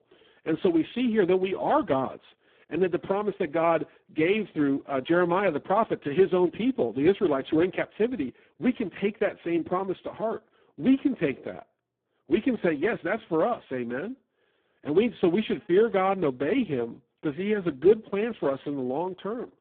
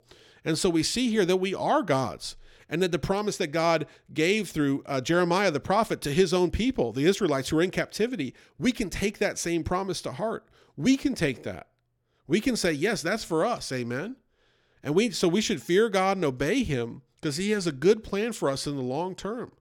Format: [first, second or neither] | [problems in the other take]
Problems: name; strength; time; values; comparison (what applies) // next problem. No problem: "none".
second | phone-call audio; poor line